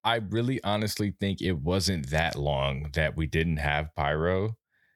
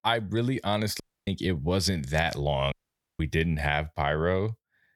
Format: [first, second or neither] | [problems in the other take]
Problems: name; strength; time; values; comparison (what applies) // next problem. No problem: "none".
first | audio cutting out; at 1 s and at 2.5 s